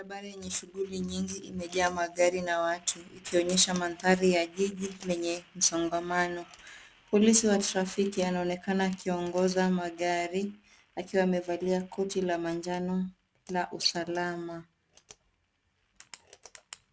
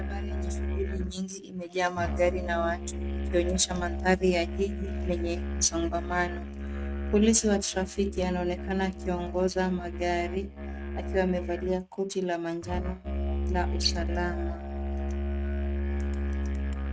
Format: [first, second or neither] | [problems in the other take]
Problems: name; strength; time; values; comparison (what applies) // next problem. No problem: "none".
first | noise reduction (neural mask model RNNoise)